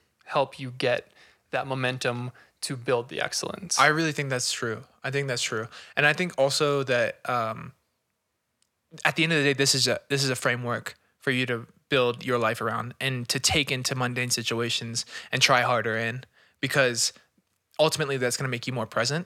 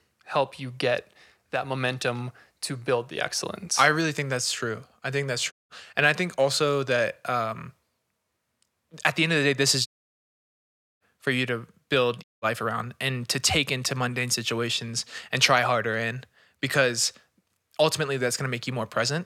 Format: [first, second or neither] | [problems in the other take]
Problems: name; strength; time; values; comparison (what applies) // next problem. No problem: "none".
first | audio cutting out; at 5.5 s, at 10 s for 1 s and at 12 s